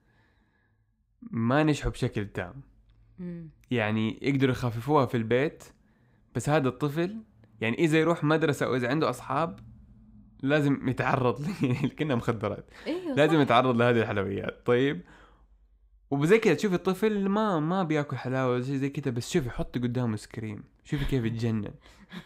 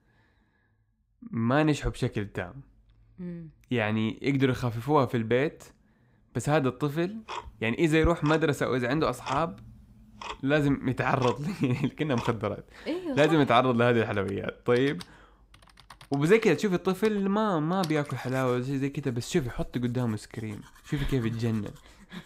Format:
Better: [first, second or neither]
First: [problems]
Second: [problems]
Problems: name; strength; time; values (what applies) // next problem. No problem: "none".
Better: first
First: none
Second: household noises; noticeable; from 7 s on; 15 dB below the speech